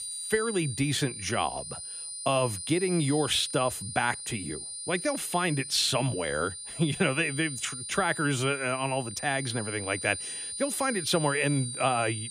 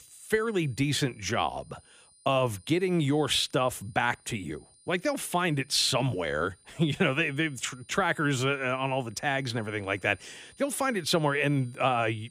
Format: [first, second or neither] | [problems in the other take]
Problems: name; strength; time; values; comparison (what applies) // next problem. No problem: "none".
second | high-pitched whine; loud; throughout; 9.5 kHz, 7 dB below the speech; faint in the second